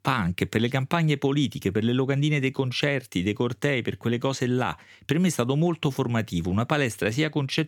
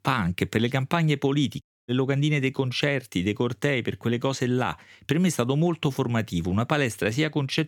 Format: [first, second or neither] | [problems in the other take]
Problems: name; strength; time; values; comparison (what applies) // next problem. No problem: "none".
first | audio cutting out; at 1.5 s